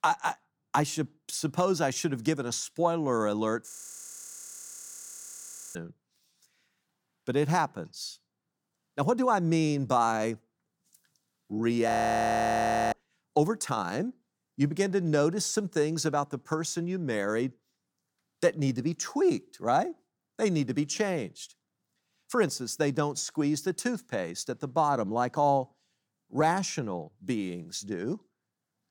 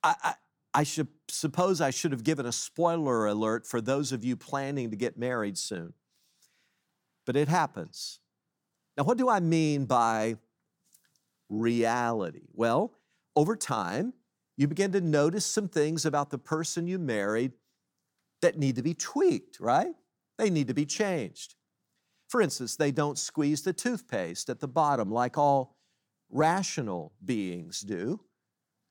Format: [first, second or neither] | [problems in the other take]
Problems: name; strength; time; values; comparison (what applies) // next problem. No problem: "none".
second | audio freezing; at 3.5 s for 2 s and at 12 s for 1 s